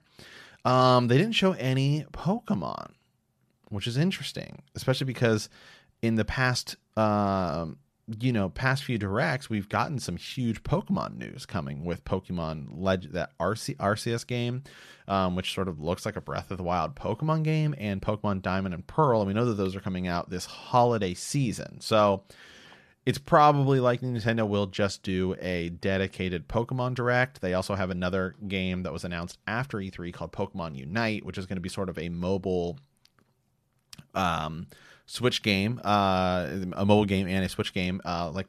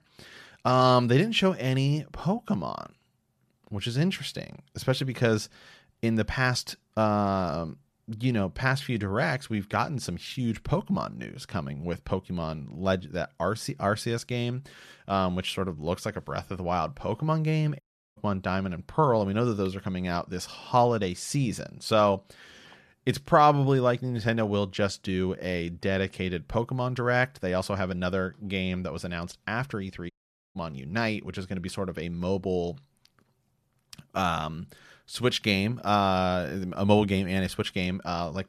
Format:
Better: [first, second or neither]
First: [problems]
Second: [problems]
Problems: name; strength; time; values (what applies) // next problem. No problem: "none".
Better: first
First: none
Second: audio cutting out; at 18 s and at 30 s